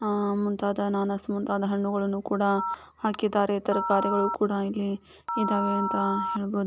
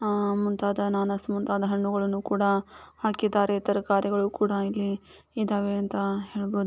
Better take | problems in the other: second | background sound (Telephone); 5 dB below the speech

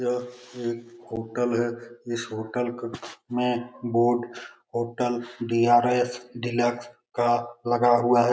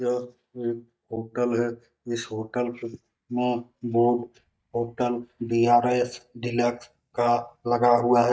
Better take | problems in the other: first | noise reduction (neural mask model DeepFilterNet 3)

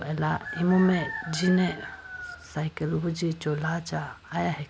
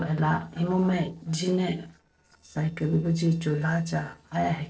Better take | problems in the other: first | noise reduction (neural separator model SepFormer DNS4)

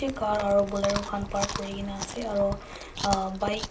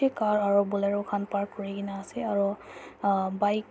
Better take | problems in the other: second | background sound (Chewing, mastication); 7 dB below the speech // room echo; dies away in 0.2 s

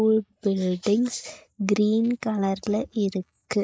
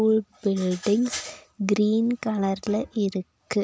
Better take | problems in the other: second | noise reduction (neural mask model Resemble Enhance denoiser)

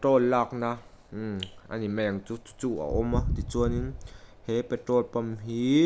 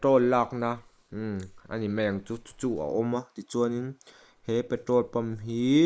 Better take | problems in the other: first | noise reduction (neural mask model Resemble Enhance denoiser)

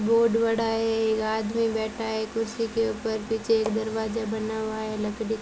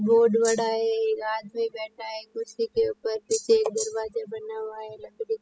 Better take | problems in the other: first | noise reduction (classical method spectral subtraction)

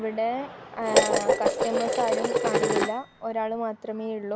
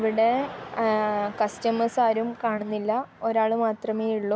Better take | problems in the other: second | background sound (Dishes, pots, and pans); 5 dB above the speech

